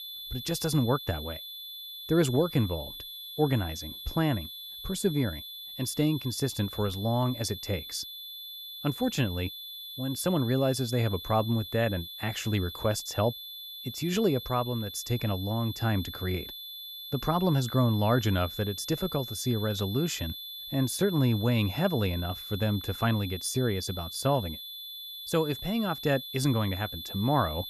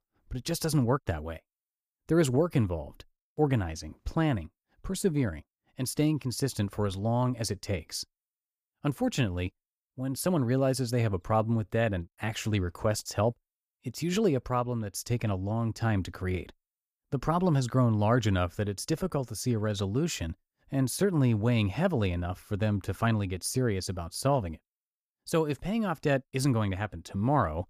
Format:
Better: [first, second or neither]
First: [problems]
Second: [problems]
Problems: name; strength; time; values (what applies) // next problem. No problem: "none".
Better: second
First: high-pitched whine; loud; throughout; 3.5 kHz, 9 dB below the speech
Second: none